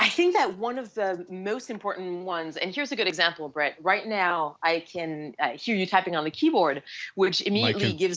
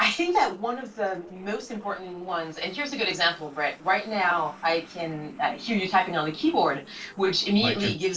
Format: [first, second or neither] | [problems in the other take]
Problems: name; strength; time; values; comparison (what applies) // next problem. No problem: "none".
first | noise reduction (neural separator model SepFormer DNS4)